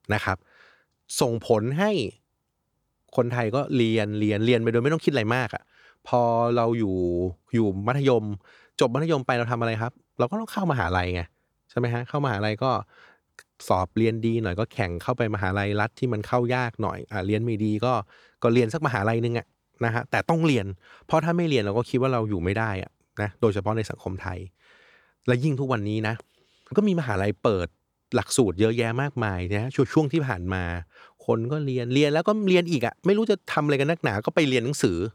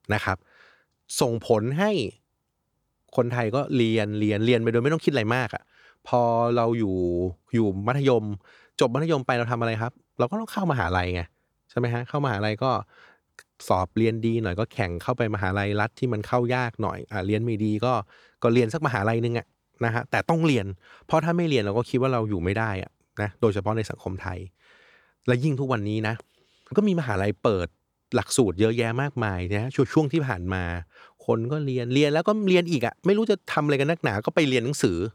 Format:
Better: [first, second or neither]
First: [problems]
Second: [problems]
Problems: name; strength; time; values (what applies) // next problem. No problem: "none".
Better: neither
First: none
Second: none